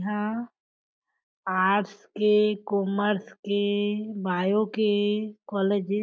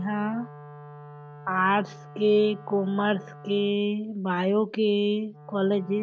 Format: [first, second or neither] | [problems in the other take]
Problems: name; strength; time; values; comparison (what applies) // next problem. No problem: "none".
first | background sound (Wind instrument, woodwind instrument); 19 dB below the speech